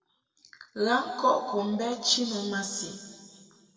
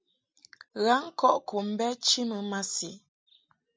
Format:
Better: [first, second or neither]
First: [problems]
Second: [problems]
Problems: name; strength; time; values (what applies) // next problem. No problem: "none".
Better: second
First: room echo; dies away in 2 s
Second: none